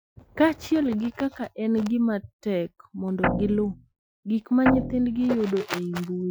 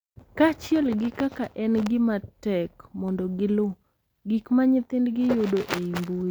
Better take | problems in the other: second | noise reduction (classical method Wiener filter)

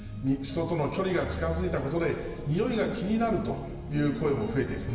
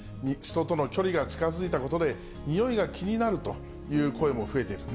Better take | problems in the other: second | room echo; dies away in 1.3 s

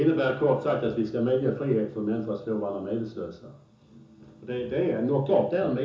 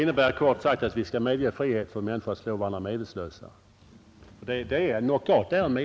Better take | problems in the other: second | room echo; dies away in 0.7 s

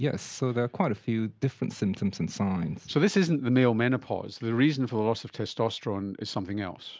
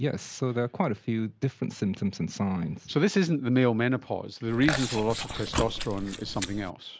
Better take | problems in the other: first | background sound (Chewing, mastication); 6 dB below the speech

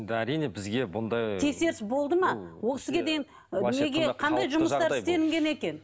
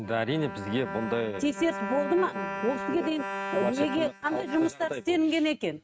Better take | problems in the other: first | noise reduction (neural mask model RNNoise)

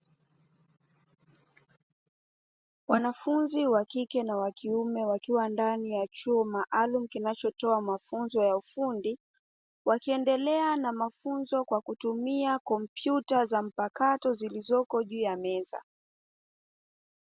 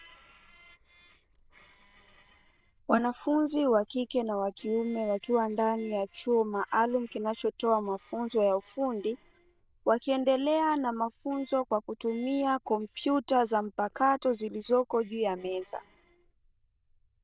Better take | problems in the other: first | noise reduction (neural diffusion model UNIVERSE++)

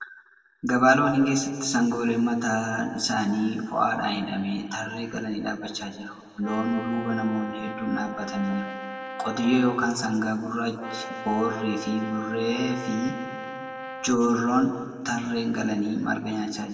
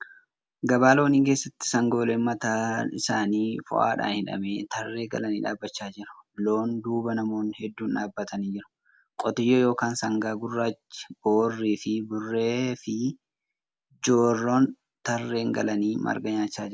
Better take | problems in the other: second | background sound (Brass instrument); 11 dB below the speech // room echo; dies away in 1.9 s

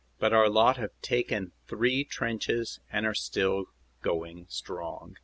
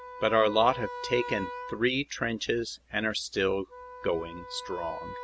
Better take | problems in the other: first | background sound (Wind instrument, woodwind instrument); 12 dB below the speech

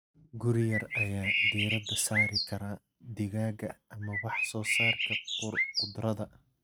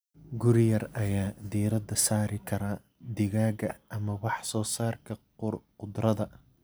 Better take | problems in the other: second | noise reduction (neural mask model RNNoise)

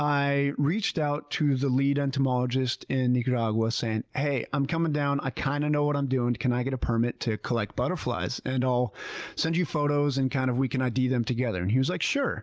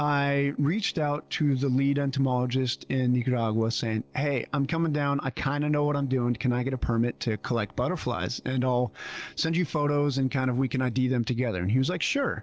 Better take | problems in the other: first | noise reduction (neural separator model SepFormer DNS4)

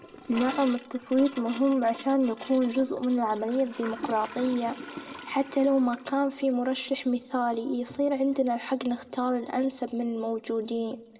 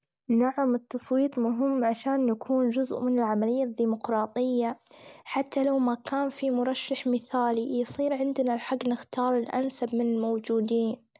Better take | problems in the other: second | background sound (Toilet flush / Gurgling); 18 dB below the speech // room echo; dies away in 0.8 s

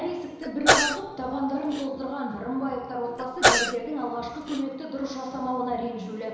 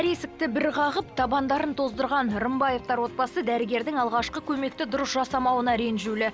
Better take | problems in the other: second | background sound (Sneeze / Cough); 4 dB above the speech // room echo; dies away in 1 s

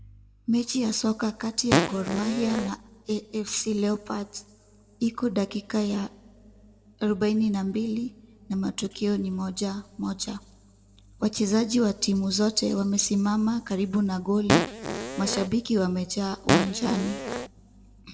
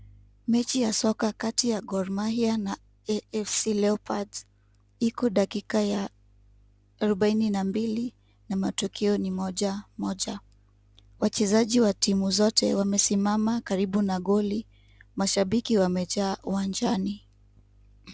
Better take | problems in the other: second | background sound (Fart); 1 dB above the speech // room echo; dies away in 0.9 s

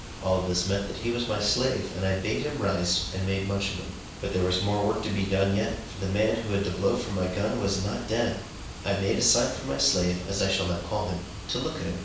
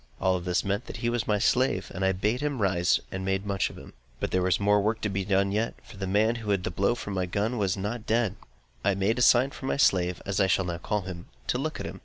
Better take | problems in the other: second | background sound (Water); 11 dB below the speech // room echo; dies away in 0.7 s

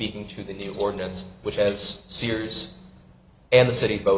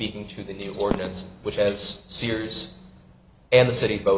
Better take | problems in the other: first | background sound (Fireworks); 12 dB below the speech

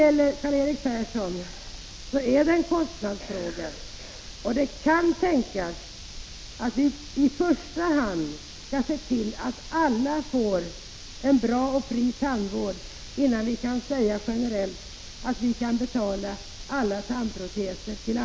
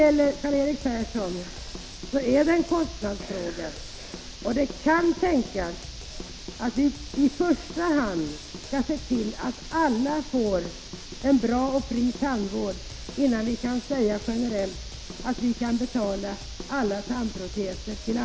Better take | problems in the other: first | background sound (Drum kit); 16 dB below the speech

